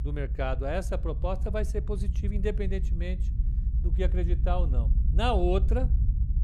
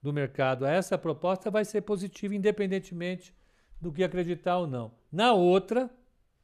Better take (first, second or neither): second